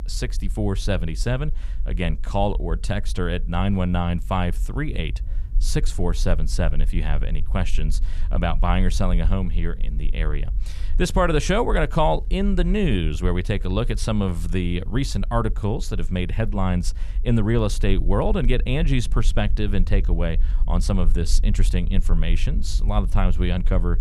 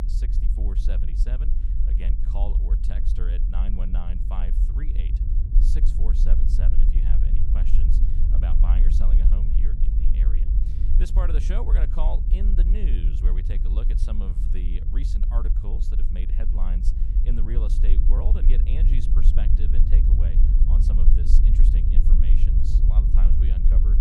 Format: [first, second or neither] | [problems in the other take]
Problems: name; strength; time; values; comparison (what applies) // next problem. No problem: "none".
first | low rumble; loud; throughout; 1 dB below the speech; faint in the first